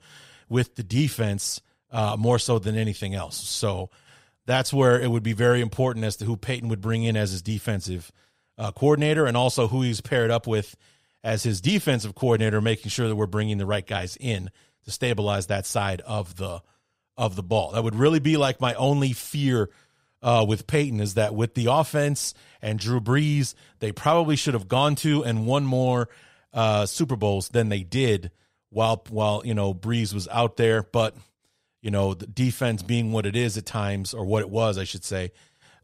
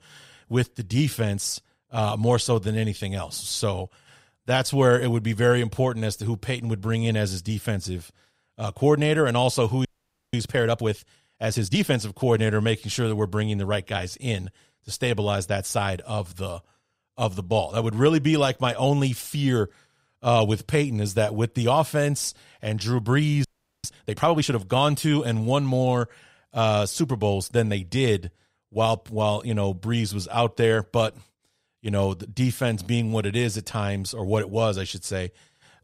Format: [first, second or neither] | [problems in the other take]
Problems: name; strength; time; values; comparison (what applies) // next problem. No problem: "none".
first | audio freezing; at 10 s and at 23 s